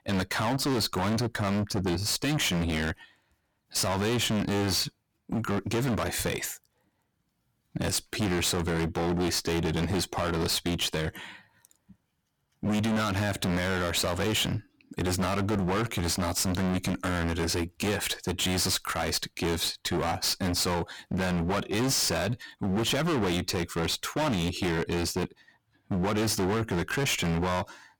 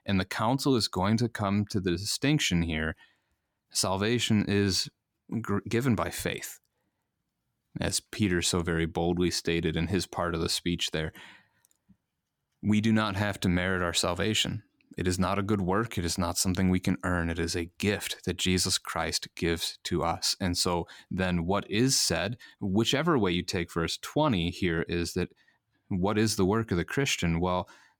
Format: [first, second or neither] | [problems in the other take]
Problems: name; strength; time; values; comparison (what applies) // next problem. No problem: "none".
second | distortion; heavy; 30% of the sound clipped